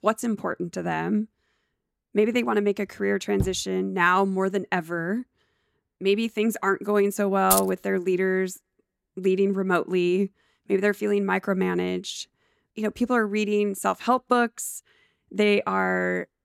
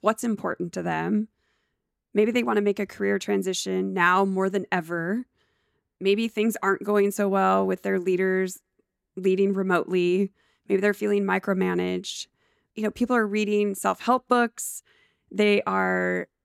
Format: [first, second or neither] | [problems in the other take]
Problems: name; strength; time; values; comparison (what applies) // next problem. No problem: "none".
second | door banging; noticeable; at 3.5 s; peak 8 dB below the speech // jangling keys; loud; at 7.5 s; peak 1 dB above the speech